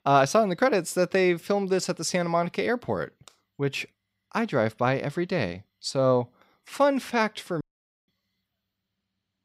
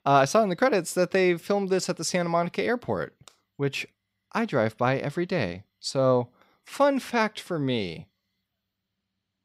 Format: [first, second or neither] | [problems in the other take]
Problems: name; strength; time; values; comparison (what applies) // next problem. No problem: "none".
second | audio cutting out; at 7.5 s